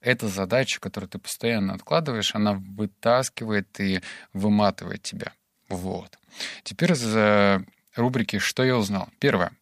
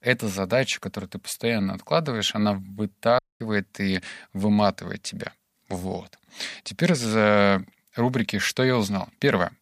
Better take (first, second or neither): first